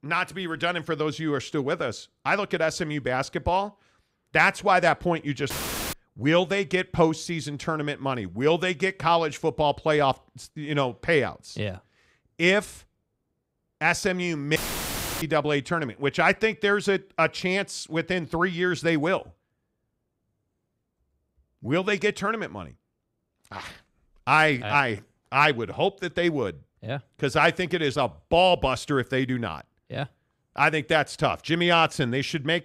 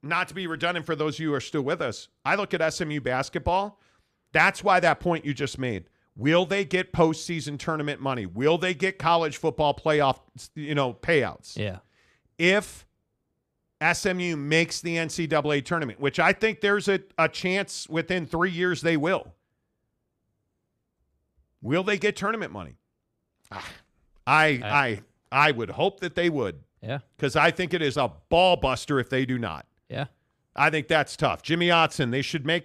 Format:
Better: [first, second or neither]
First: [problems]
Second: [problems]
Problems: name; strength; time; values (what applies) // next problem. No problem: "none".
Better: second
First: audio cutting out; filled with static; at 5.5 s and at 15 s for 0.5 s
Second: none